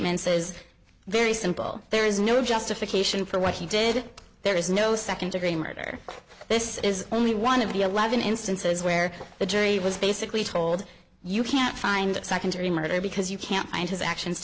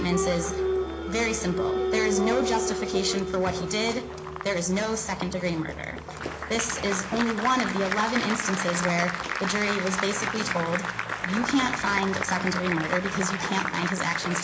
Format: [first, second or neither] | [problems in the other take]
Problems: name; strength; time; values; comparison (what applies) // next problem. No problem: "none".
first | background sound (Applause); 2 dB below the speech // room echo; dies away in 0.4 s